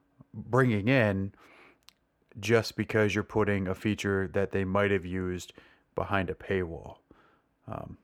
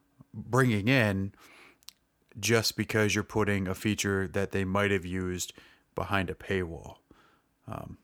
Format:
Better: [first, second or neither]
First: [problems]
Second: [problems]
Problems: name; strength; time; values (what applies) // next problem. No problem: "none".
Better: second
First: muffled; slightly; fading above 3.5 kHz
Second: none